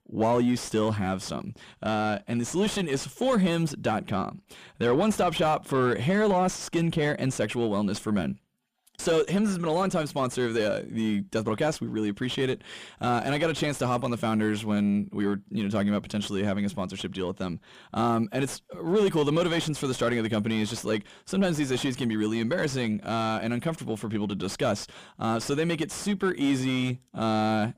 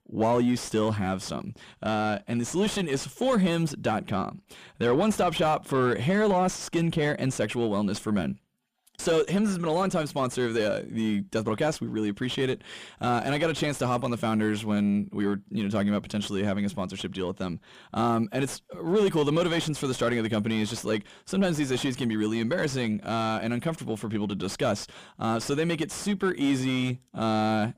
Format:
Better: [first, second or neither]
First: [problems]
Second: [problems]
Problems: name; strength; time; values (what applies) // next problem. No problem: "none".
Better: neither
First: distortion; slight; 10 dB below the speech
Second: distortion; slight; 10 dB below the speech